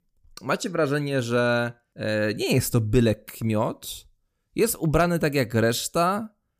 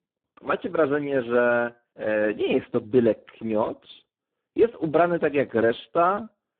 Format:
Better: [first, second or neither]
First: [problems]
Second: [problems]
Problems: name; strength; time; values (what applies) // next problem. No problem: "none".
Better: first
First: none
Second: phone-call audio; poor line